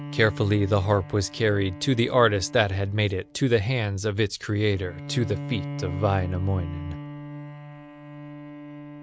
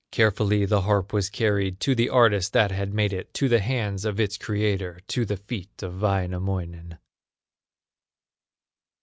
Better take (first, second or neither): second